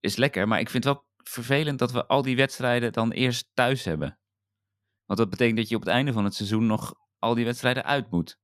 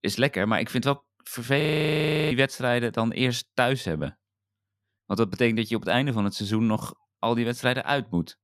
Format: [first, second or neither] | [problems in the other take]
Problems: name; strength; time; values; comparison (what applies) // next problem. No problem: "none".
first | audio freezing; at 1.5 s for 0.5 s